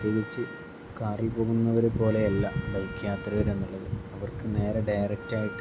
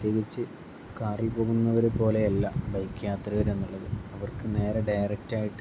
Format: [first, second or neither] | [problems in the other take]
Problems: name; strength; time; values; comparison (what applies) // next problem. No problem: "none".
second | background sound (Wind instrument, woodwind instrument); 15 dB below the speech